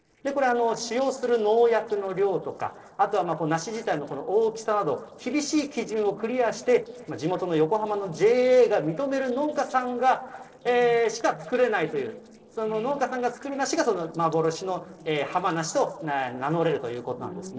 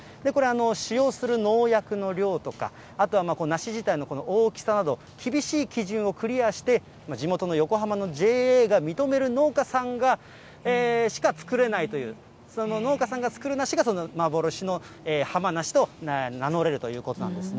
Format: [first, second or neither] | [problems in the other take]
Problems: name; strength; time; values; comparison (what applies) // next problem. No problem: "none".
second | noise reduction (neural separator model SepFormer DNS4)